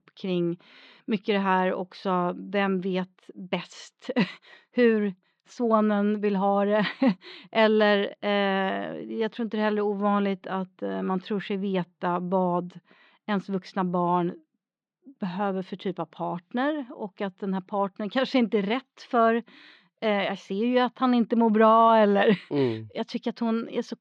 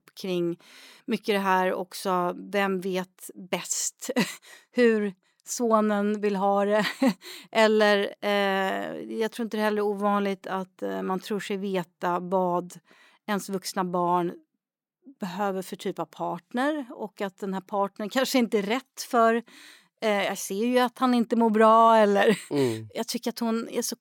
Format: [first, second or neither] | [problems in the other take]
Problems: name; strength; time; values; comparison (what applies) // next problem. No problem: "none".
second | muffled; slightly; fading above 3.5 kHz